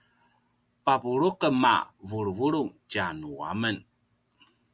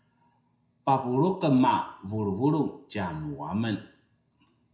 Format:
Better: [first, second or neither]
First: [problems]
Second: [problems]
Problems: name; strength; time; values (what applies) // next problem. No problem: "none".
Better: first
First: none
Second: room echo; dies away in 0.5 s